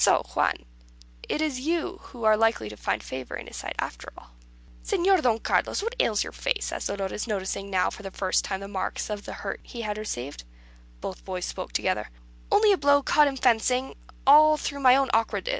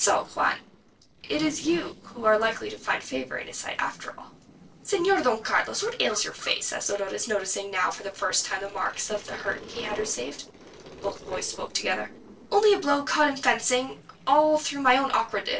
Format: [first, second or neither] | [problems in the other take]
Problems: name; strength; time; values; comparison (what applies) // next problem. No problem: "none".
first | noise reduction (neural separator model SepFormer DNS4)